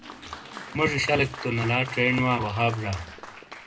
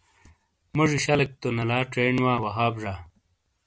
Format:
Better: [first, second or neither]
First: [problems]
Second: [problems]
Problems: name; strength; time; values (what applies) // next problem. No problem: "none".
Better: second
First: background sound (Applause); 13 dB below the speech // room echo; dies away in 0.2 s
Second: none